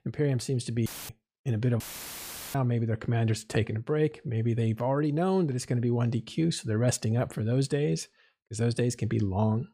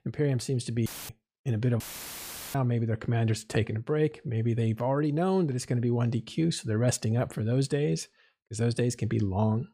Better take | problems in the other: neither | audio cutting out; filled with static; at 1 s and at 2 s for 0.5 s; the same in both

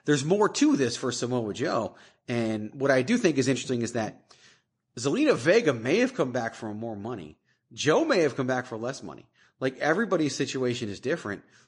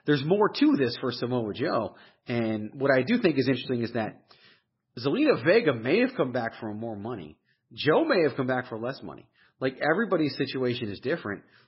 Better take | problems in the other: first | garbled, watery; badly; nothing above 5.5 kHz; slightly in the first

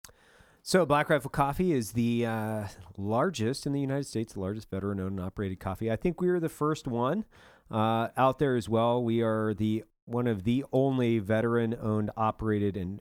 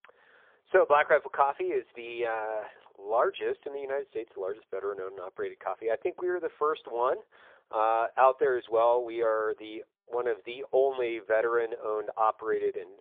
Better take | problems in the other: first | phone-call audio; poor line; nothing above 3.5 kHz

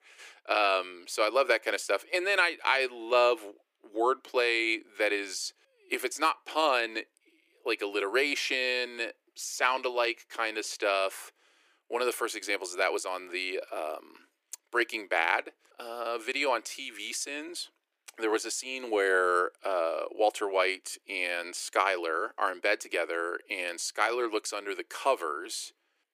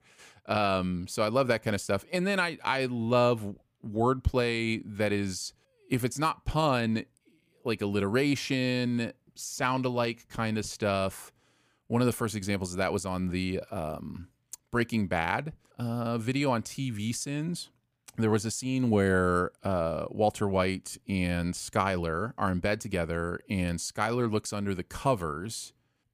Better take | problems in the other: second | thin; very; fading below 350 Hz

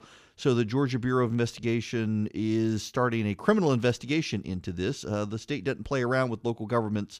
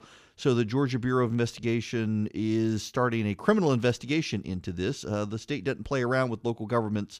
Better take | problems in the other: neither | none

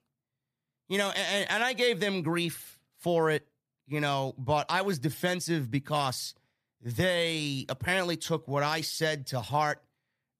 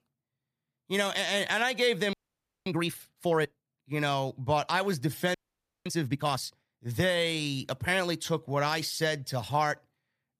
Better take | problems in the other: first | audio freezing; at 2 s for 0.5 s and at 5.5 s for 0.5 s

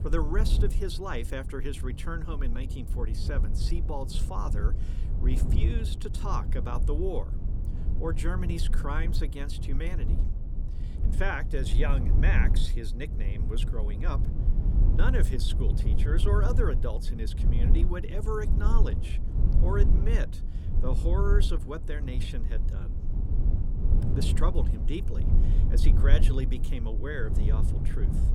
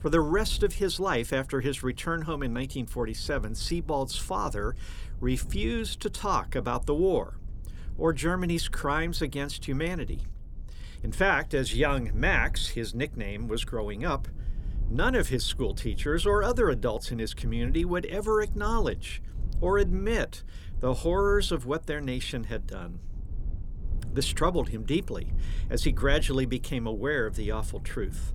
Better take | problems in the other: second | low rumble; loud; throughout; 7 dB below the speech; faint in the second

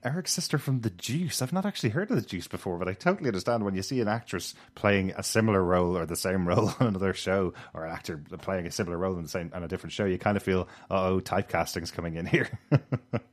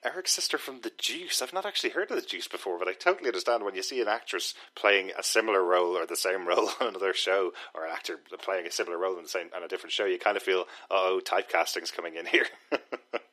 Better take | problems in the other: first | thin; very; fading below 350 Hz

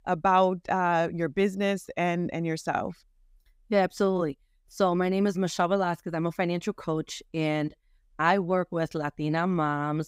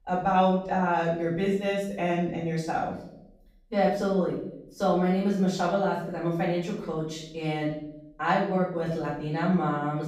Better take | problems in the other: first | off-mic speech; far // room echo; noticeable; dies away in 0.6 s

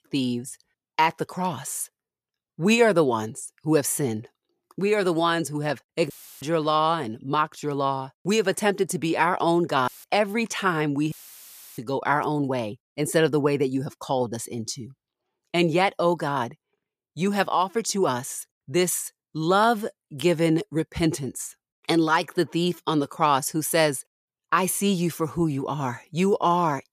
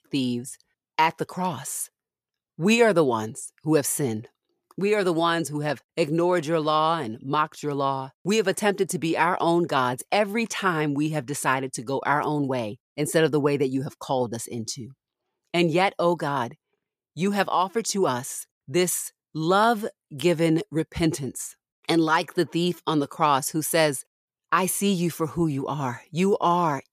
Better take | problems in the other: second | audio cutting out; filled with static; at 6 s, at 10 s and at 11 s for 0.5 s

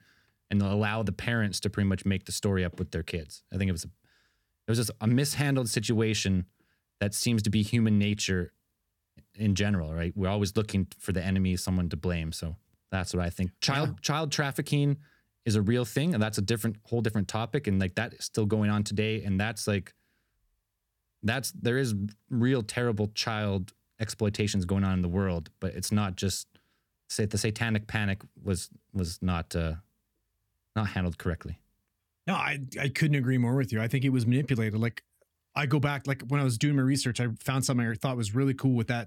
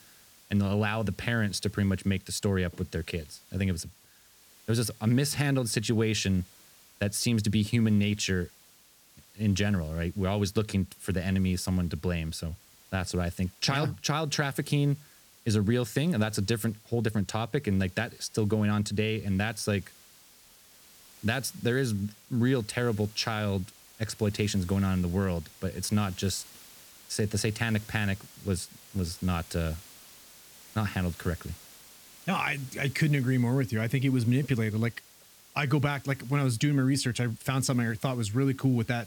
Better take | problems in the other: first | hiss; faint; throughout; 20 dB below the speech

